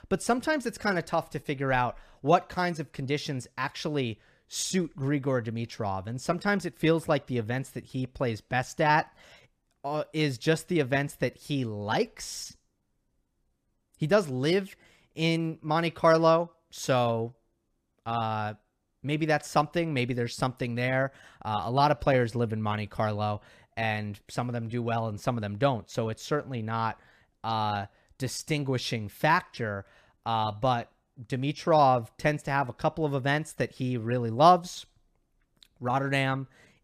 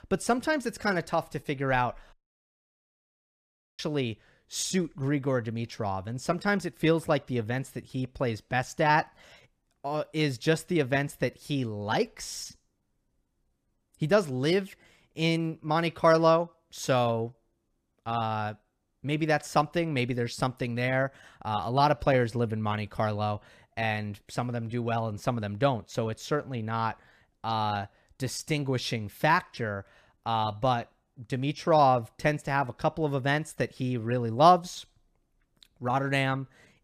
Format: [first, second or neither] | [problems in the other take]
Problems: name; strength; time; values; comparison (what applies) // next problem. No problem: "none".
first | audio cutting out; at 2 s for 1.5 s